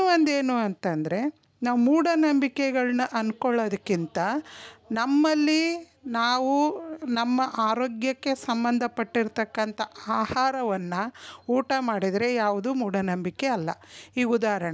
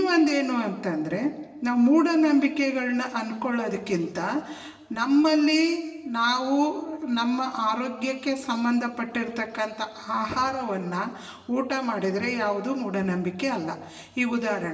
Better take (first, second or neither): first